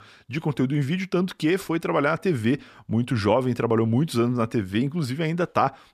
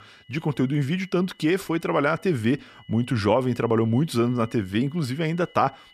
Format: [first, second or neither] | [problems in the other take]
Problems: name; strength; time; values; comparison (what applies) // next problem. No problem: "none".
first | high-pitched whine; faint; throughout; 3 kHz, 30 dB below the speech